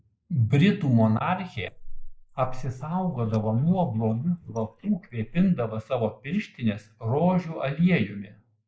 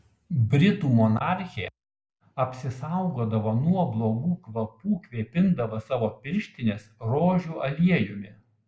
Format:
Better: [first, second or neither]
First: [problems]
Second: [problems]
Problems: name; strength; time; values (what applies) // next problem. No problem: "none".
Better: second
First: noise reduction (neural mask model Resemble Enhance denoiser)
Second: none